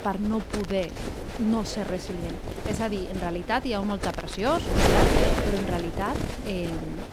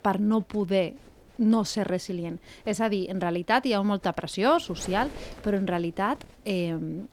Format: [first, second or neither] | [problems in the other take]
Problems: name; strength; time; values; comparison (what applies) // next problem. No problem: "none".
second | wind noise on the microphone; heavy; as loud as the speech; occasional gusts in the second